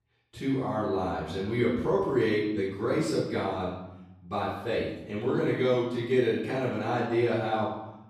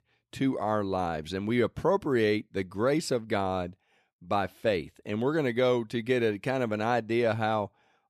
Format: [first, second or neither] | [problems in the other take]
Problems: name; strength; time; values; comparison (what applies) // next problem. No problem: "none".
second | off-mic speech; far // room echo; noticeable; dies away in 0.9 s